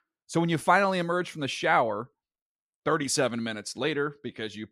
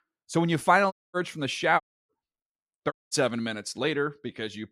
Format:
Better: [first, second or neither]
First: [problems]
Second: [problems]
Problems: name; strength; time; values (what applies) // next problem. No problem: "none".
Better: first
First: none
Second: audio cutting out; at 1 s, at 2 s and at 3 s